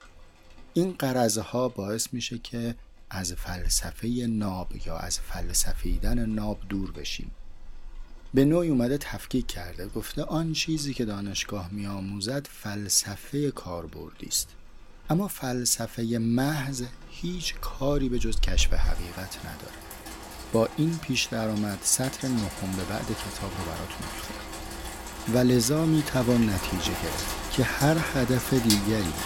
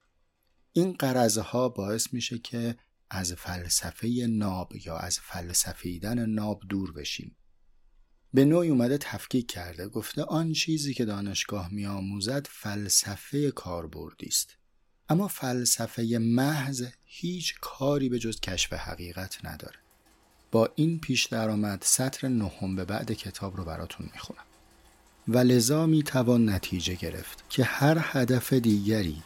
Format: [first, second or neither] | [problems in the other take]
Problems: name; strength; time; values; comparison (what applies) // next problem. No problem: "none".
second | rain or running water; loud; throughout; 8 dB below the speech; faint in the second